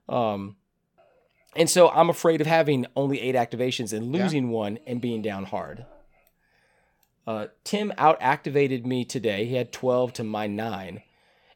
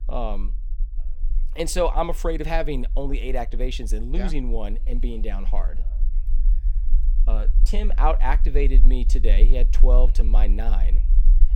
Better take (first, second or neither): first